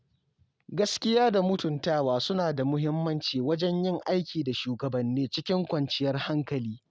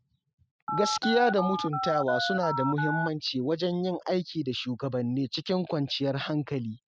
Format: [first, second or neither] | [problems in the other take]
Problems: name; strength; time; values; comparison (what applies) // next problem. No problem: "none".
first | noise reduction (classical method spectral subtraction)